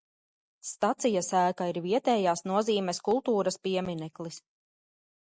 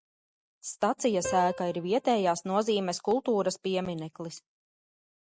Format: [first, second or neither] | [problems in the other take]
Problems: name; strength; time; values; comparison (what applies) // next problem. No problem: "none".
first | background sound (Piano); 14 dB below the speech